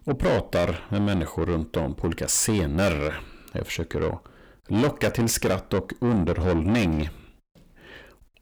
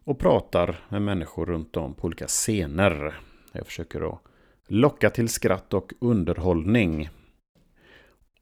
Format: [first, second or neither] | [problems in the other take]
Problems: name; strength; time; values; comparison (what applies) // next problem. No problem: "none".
second | distortion; heavy; 6 dB below the speech